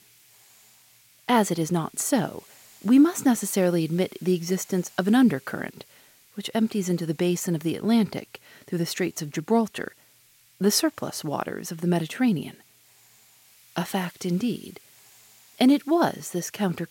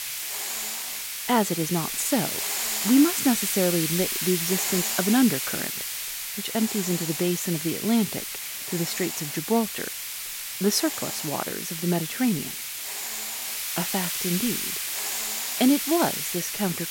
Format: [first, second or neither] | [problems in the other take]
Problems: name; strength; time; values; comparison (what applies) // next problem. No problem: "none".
first | hiss; loud; throughout; 2 dB below the speech; faint in the first